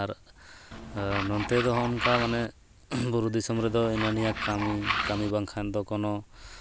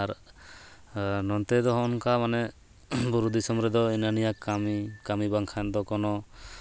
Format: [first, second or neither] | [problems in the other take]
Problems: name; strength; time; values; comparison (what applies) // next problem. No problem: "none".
second | background sound (Tools); 4 dB below the speech